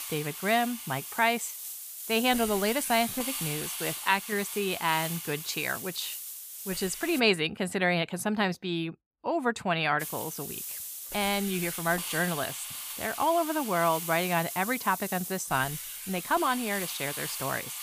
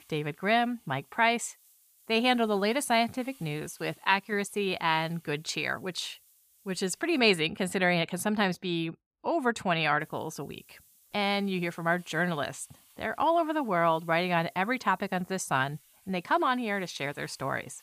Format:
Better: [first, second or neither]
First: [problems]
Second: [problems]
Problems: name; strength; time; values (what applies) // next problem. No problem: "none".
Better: second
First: hiss; loud; until 7 s and from 10 s on; 6 dB below the speech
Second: hiss; faint; until 7 s and from 10 s on; 30 dB below the speech